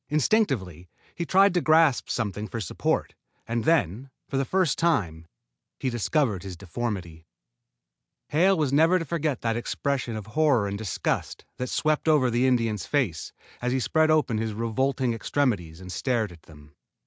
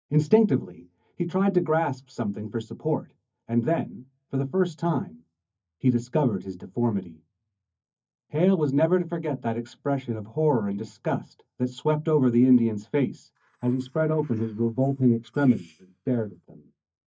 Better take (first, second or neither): first